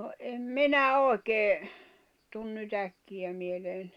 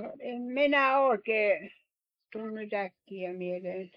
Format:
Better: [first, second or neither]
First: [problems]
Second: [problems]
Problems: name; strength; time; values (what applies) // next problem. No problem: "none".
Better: first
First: none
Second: noise reduction (neural mask model Resemble Enhance denoiser)